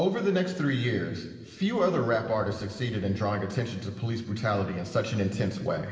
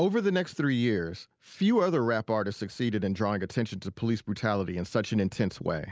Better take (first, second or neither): second